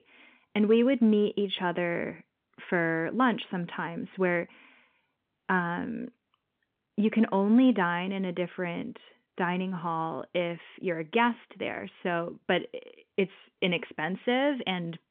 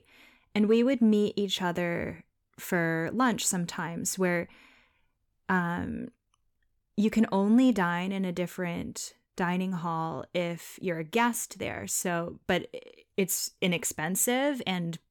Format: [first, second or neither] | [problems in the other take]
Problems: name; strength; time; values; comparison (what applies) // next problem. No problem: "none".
second | phone-call audio; nothing above 3.5 kHz